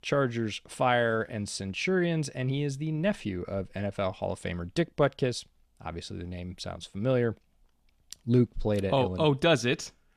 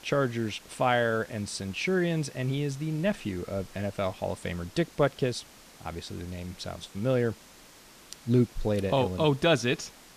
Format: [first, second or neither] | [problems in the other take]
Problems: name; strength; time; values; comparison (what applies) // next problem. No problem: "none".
first | hiss; faint; throughout; 20 dB below the speech